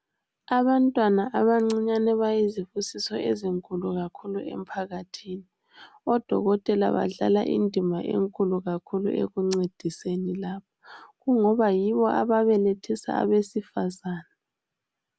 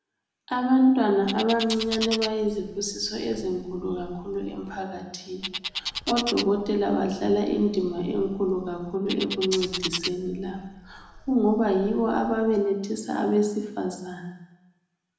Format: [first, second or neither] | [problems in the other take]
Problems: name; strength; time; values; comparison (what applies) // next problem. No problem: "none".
first | background sound (Bird); 11 dB below the speech // room echo; dies away in 0.9 s